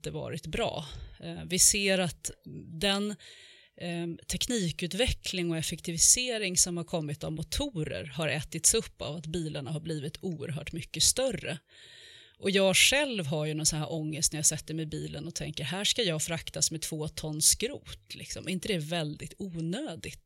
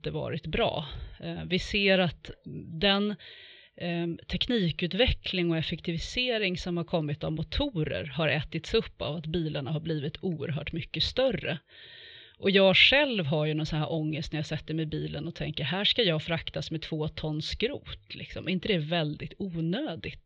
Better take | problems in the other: first | muffled; very; fading above 3.5 kHz

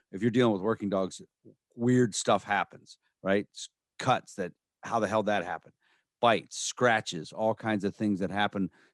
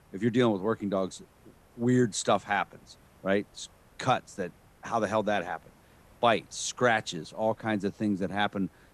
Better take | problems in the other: first | hiss; faint; throughout; 30 dB below the speech

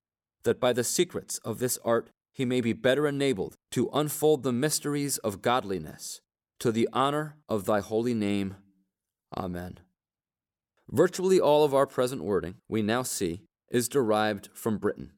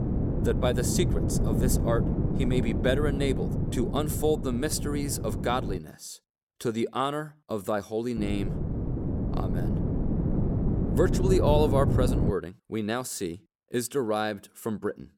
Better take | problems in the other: first | wind noise on the microphone; heavy; until 6 s and from 8 to 12 s; 6 dB below the speech

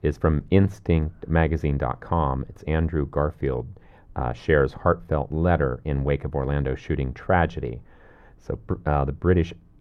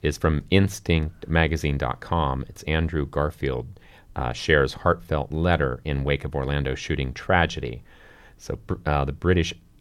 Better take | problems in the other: second | muffled; very; fading above 2 kHz

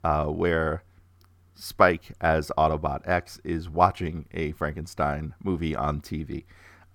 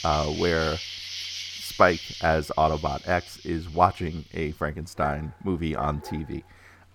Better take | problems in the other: first | animal sounds; loud; throughout; 10 dB below the speech

